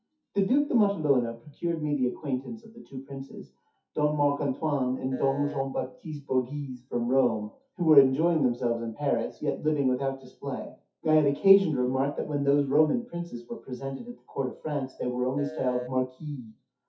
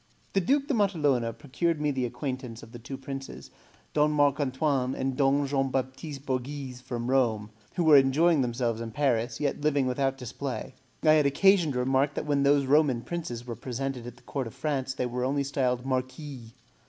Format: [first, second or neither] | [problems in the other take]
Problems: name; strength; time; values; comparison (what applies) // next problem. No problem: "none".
second | noise reduction (classical method WPE with log-MMSE)